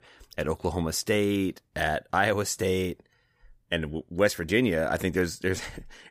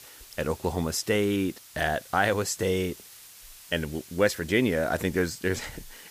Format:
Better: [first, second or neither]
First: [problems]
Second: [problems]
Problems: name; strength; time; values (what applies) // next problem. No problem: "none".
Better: first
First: none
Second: hiss; noticeable; throughout; 20 dB below the speech